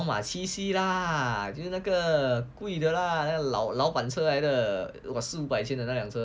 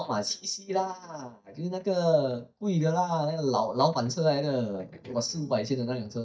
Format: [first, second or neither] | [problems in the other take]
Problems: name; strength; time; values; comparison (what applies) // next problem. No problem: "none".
first | noise reduction (neural mask model DeepFilterNet 3)